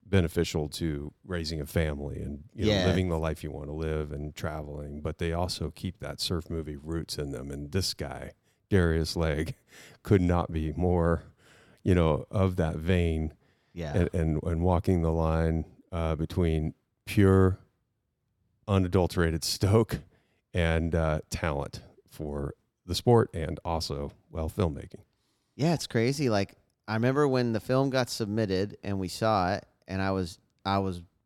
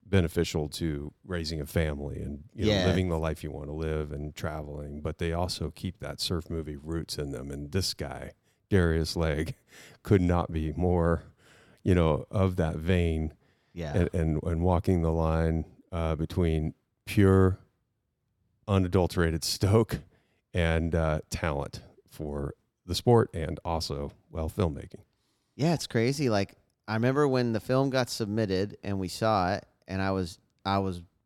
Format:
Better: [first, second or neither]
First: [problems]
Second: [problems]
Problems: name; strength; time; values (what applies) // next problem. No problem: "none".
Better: neither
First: none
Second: none